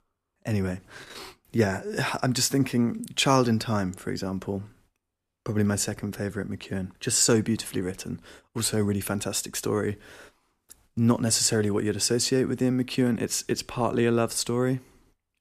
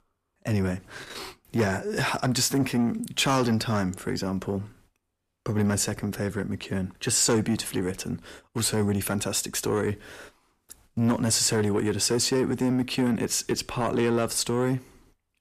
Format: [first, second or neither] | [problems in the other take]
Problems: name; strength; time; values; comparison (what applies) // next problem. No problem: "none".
first | distortion; slight; 10 dB below the speech